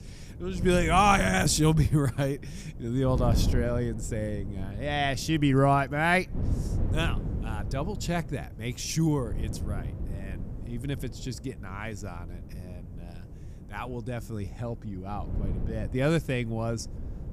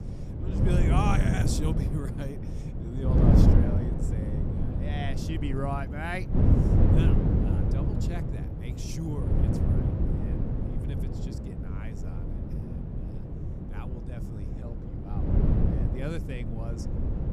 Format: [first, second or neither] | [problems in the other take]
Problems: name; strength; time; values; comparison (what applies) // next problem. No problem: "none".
first | wind noise on the microphone; heavy; 1 dB above the speech; occasional gusts in the first